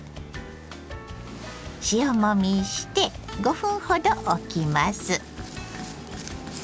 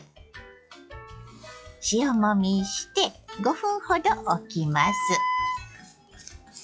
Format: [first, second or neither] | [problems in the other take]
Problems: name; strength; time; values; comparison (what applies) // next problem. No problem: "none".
first | noise reduction (classical method log-MMSE)